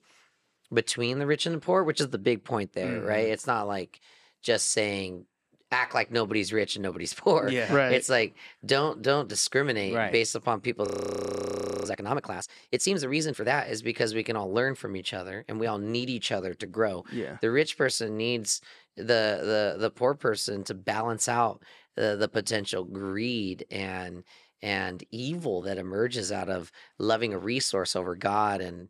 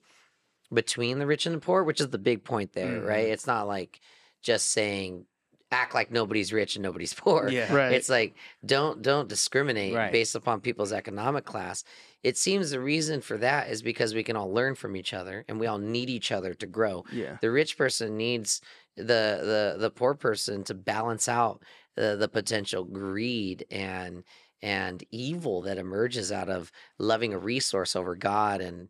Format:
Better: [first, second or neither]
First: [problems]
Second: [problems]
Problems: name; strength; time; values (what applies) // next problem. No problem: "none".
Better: second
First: audio freezing; at 11 s for 1 s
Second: none